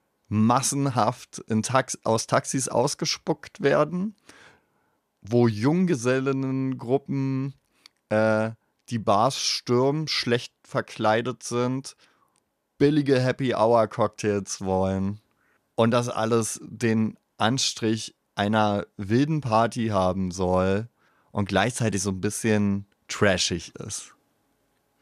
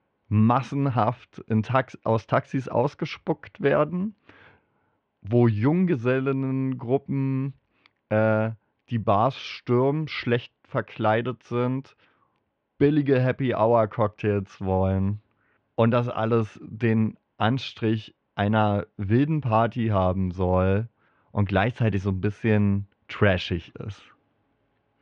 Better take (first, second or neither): first